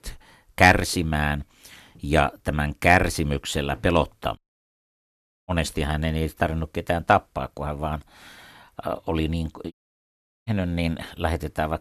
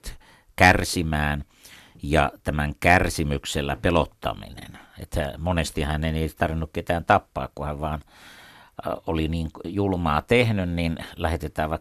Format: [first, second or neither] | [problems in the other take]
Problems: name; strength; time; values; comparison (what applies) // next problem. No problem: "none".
second | audio cutting out; at 4.5 s for 1 s and at 9.5 s for 0.5 s